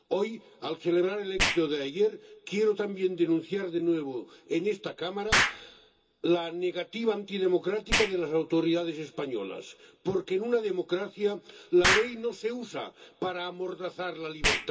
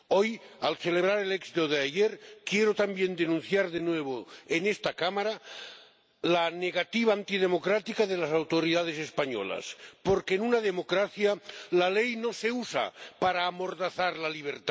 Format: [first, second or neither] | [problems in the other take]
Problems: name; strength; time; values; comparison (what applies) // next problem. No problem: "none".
second | background sound (Explosion); 6 dB below the speech // room echo; dies away in 0.2 s